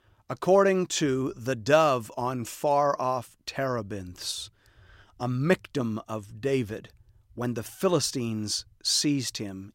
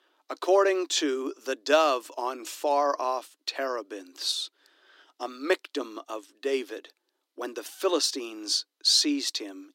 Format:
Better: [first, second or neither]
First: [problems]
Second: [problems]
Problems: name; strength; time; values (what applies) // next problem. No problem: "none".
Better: first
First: none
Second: thin; very slightly; fading below 300 Hz